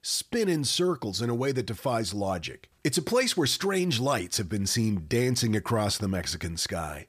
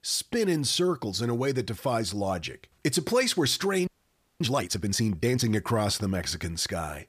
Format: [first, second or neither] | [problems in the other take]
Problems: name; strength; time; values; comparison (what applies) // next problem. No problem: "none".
first | audio freezing; at 4 s for 0.5 s